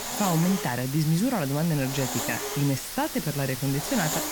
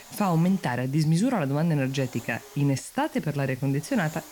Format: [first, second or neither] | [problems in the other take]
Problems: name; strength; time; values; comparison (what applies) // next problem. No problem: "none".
second | hiss; loud; throughout; 5 dB below the speech; faint in the second